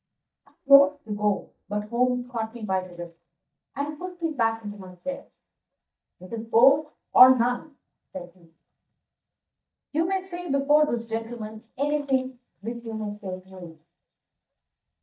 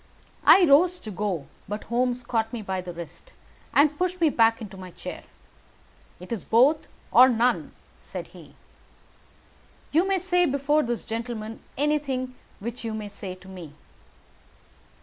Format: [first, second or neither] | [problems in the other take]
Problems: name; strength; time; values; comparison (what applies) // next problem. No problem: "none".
second | noise reduction (neural mask model DeepFilterNet 3)